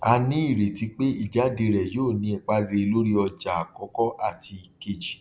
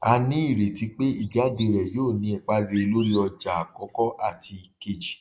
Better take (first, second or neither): first